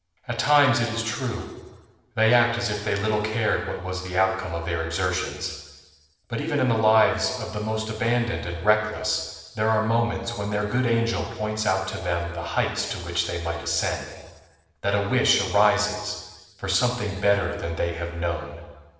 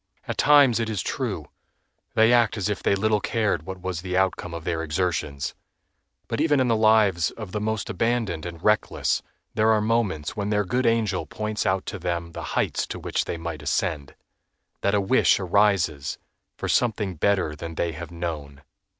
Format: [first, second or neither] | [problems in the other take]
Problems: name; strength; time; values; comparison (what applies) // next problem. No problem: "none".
second | room echo; dies away in 1.2 s